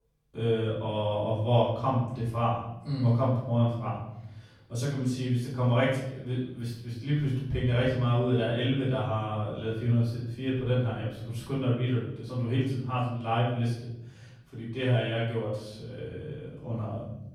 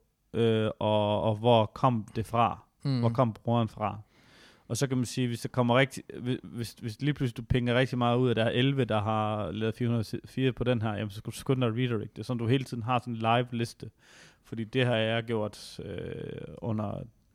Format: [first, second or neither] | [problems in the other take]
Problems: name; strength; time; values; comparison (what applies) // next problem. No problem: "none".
second | off-mic speech; far // room echo; noticeable; dies away in 1 s